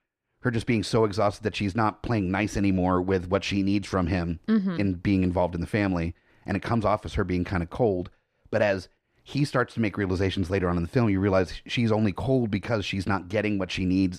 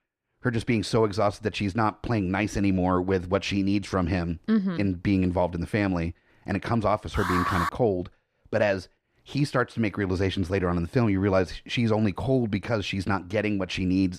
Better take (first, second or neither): first